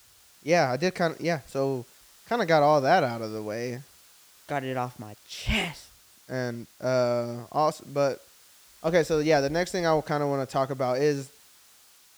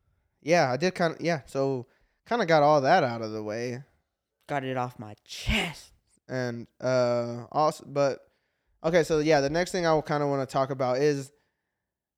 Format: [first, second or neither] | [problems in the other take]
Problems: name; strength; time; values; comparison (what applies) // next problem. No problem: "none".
second | hiss; faint; throughout; 25 dB below the speech